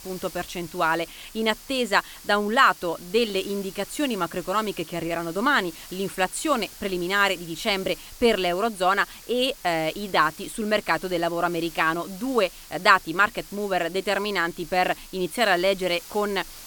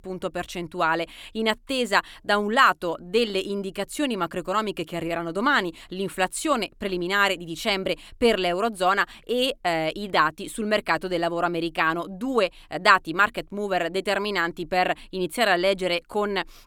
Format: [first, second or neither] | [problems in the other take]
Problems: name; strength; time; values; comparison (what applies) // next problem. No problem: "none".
second | hiss; noticeable; throughout; 20 dB below the speech